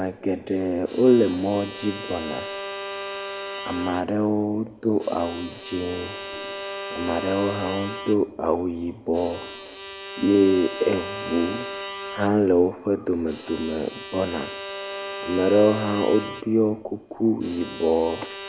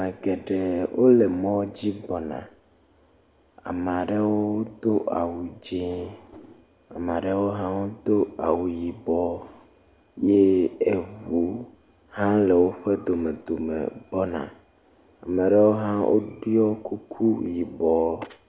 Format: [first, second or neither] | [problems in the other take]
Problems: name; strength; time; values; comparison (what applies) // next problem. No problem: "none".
second | background sound (Bowed string instrument); 11 dB below the speech